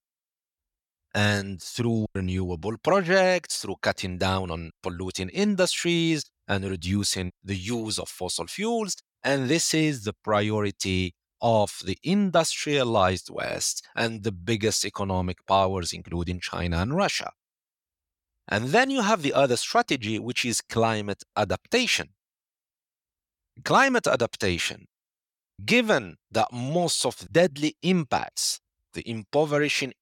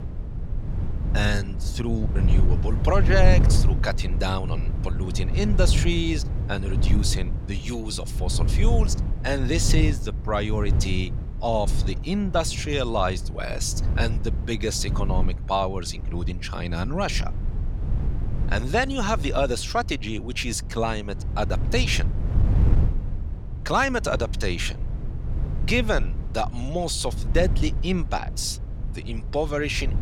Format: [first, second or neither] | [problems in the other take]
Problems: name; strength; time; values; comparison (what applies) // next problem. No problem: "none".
first | wind noise on the microphone; occasional gusts; 15 dB below the speech